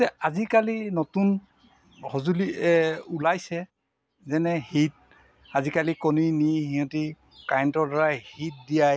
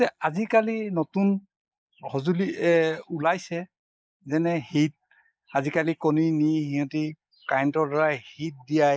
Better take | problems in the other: first | noise reduction (neural mask model Resemble Enhance denoiser)

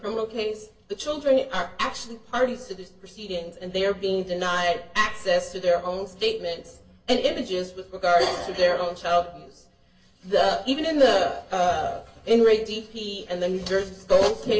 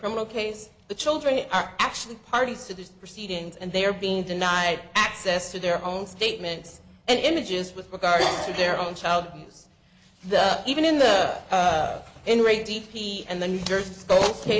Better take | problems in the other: second | room echo; dies away in 0.1 s

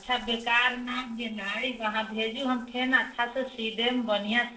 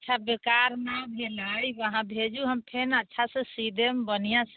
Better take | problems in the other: second | noise reduction (neural separator model SepFormer DNS4)

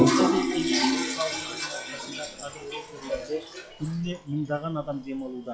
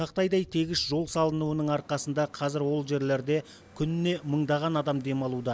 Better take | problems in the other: second | noise reduction (classical method log-MMSE)

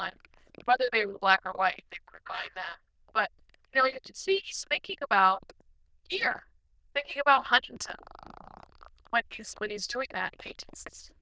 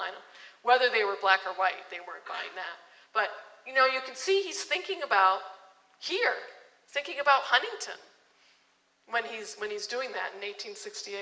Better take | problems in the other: second | noise reduction (neural diffusion model UNIVERSE++)

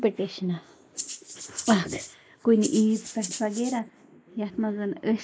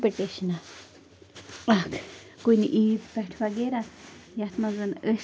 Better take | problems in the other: second | noise reduction (neural mask model Resemble Enhance denoiser)

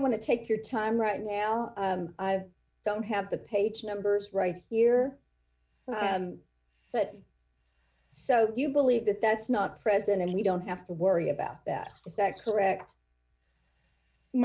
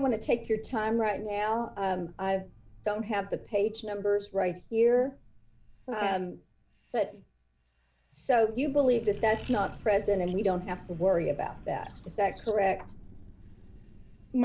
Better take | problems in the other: first | background sound (Accelerating, revving, vroom); 18 dB below the speech

